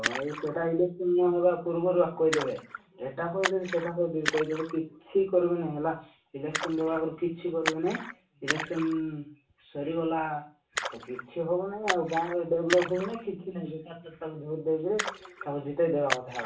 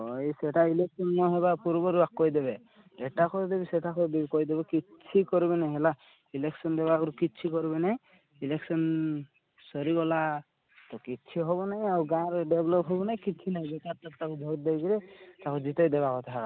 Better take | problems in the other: second | background sound (Splash, splatter); 9 dB below the speech // room echo; dies away in 0.3 s

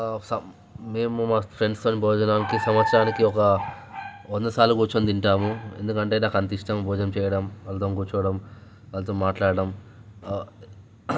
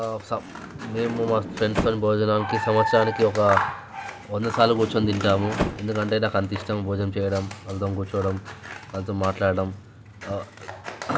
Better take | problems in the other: first | background sound (Scissors + Sliding door); 9 dB below the speech

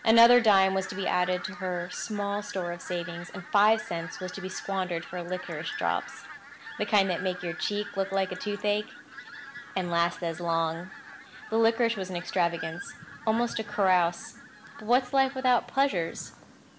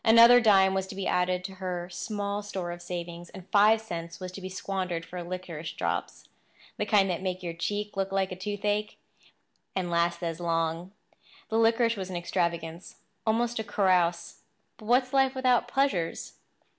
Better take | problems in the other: second | background sound (Fowl); 14 dB below the speech

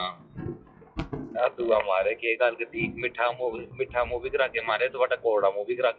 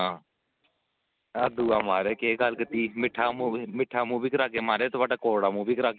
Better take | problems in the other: second | noise reduction (classical method WPE with log-MMSE)

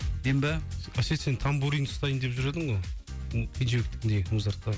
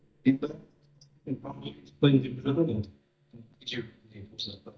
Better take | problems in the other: first | noise reduction (neural mask model DeepFilterNet 3)

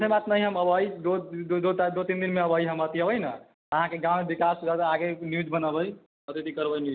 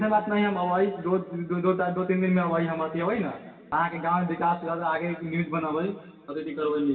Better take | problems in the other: first | room echo; dies away in 2 s

